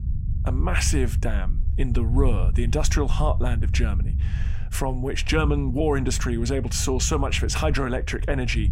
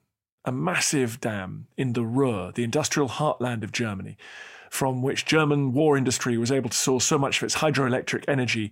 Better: second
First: low rumble; noticeable; throughout; 15 dB below the speech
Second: none

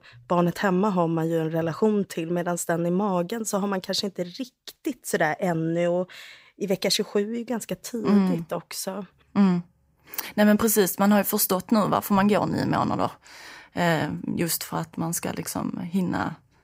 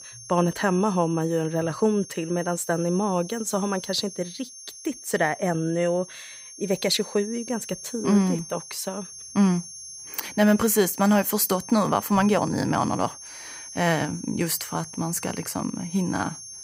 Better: first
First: none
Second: high-pitched whine; noticeable; throughout; 6.5 kHz, 15 dB below the speech

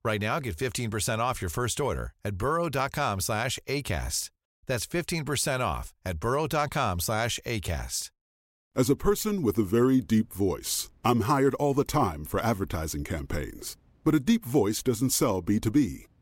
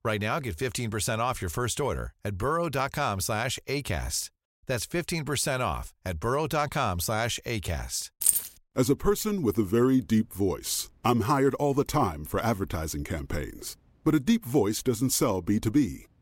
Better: first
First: none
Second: jangling keys; loud; at 8 s; peak 5 dB above the speech

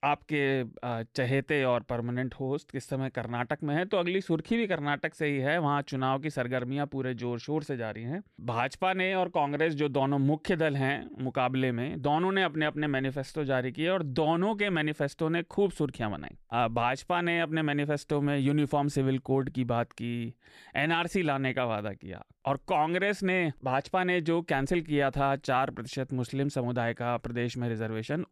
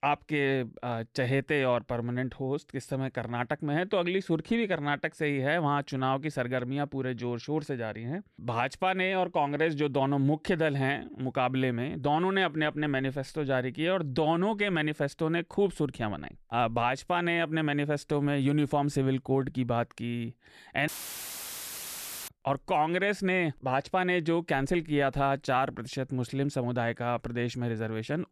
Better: first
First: none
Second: audio cutting out; filled with static; at 21 s for 1.5 s

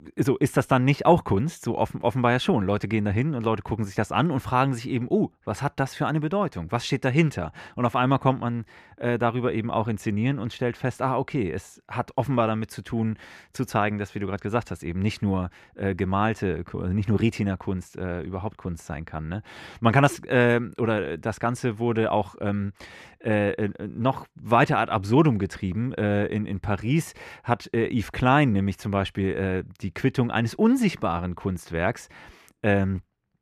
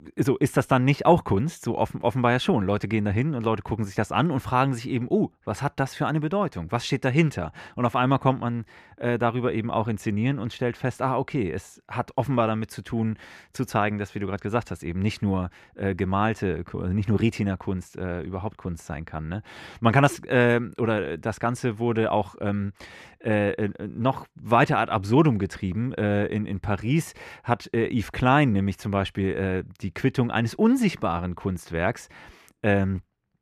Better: neither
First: muffled; slightly; fading above 3.5 kHz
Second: muffled; slightly; fading above 3.5 kHz

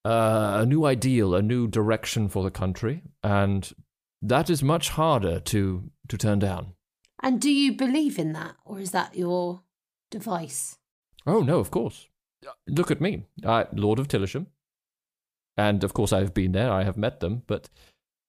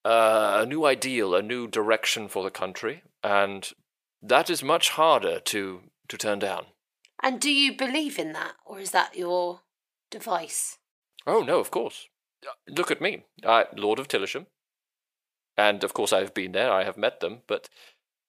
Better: first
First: none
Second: thin; very; fading below 500 Hz

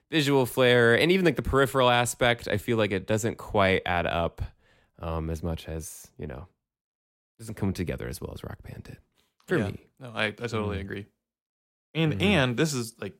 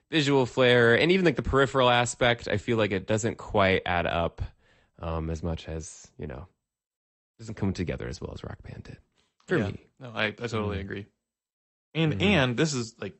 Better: first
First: none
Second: garbled, watery; slightly; nothing above 8 kHz

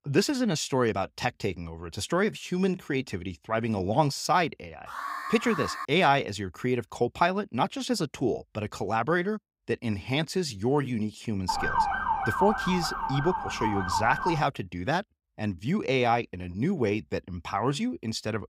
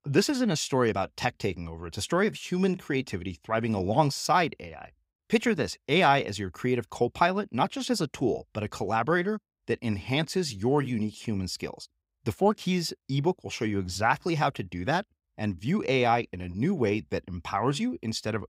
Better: second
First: alarm; noticeable; at 5 s; peak 6 dB below the speech // siren; loud; from 11 to 14 s; peak 2 dB above the speech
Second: none

